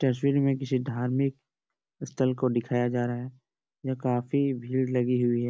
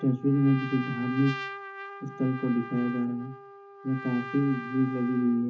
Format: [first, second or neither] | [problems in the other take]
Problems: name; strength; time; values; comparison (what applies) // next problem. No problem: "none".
first | background sound (Trumpet); 12 dB below the speech // room echo; dies away in 0.3 s